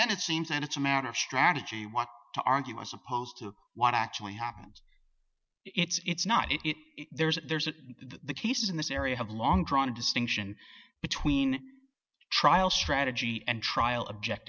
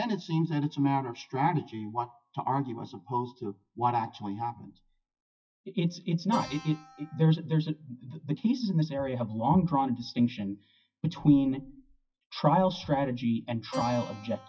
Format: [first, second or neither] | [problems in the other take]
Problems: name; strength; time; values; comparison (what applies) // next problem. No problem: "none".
first | noise reduction (classical method WPE with log-MMSE)